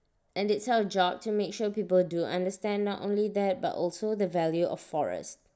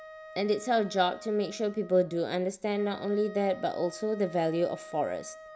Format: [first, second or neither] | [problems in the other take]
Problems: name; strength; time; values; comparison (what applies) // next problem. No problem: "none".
first | background sound (Wind instrument, woodwind instrument); 17 dB below the speech